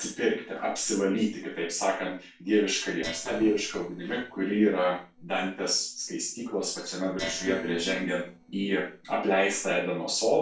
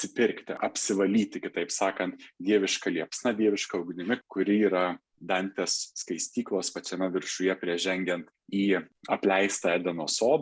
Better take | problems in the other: second | noise reduction (neural separator model SepFormer DNS4)

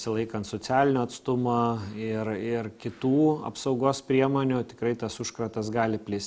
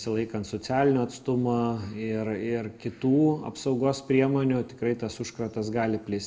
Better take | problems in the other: first | room echo; dies away in 1.1 s

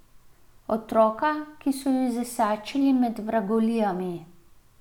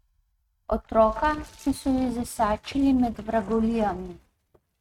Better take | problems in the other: first | noise reduction (neural mask model RNNoise)

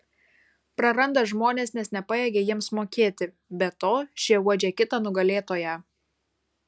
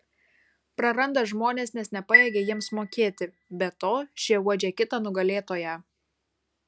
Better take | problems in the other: first | background sound (Chime); 1 dB above the speech

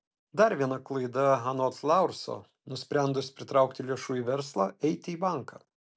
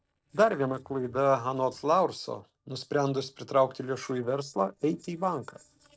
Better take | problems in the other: first | noise reduction (neural separator model SepFormer DNS4)

